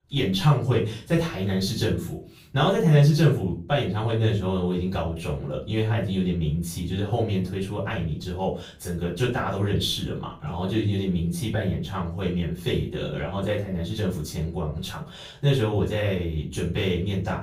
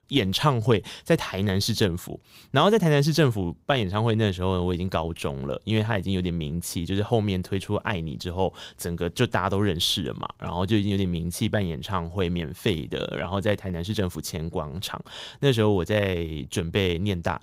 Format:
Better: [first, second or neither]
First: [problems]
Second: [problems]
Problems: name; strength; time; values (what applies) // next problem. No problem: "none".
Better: second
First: off-mic speech; far // room echo; slight; dies away in 0.3 s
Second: none